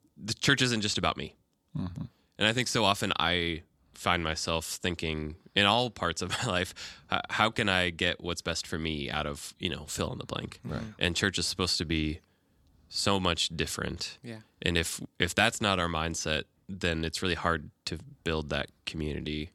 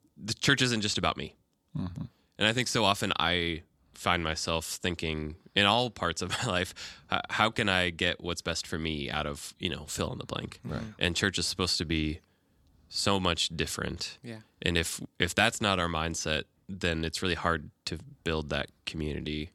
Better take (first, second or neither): neither